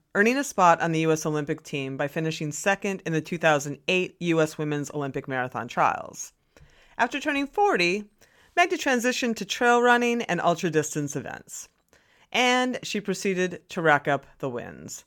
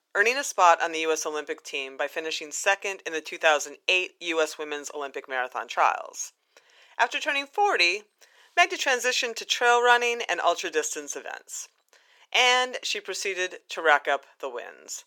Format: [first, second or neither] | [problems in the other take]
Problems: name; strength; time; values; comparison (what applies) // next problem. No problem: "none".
first | thin; very; fading below 400 Hz